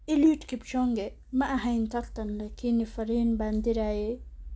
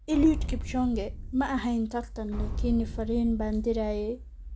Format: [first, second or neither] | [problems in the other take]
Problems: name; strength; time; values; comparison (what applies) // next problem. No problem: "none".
first | background sound (Boom); 7 dB below the speech